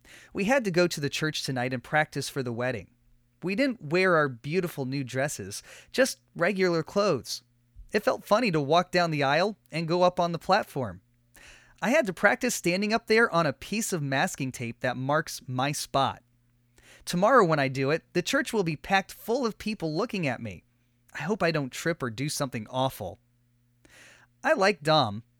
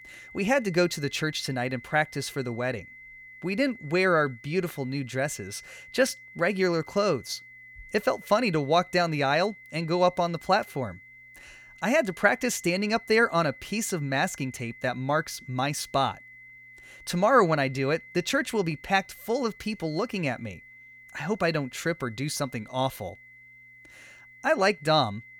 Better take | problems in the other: first | high-pitched whine; noticeable; throughout; 2 kHz, 20 dB below the speech

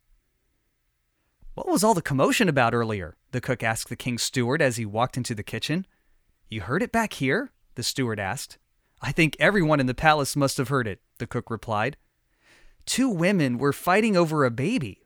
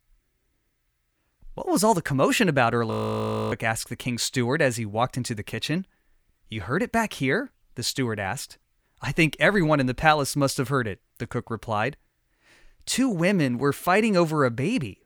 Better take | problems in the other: first | audio freezing; at 3 s for 0.5 s

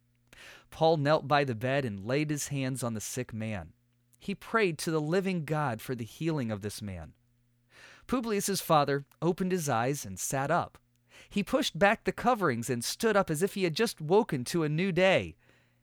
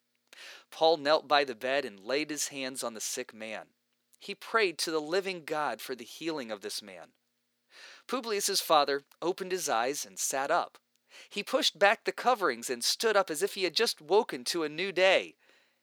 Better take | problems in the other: first | thin; somewhat; fading below 350 Hz

